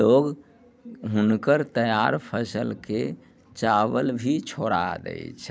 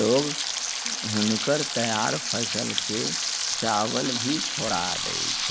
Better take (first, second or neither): first